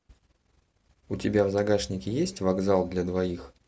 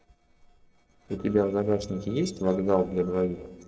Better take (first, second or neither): first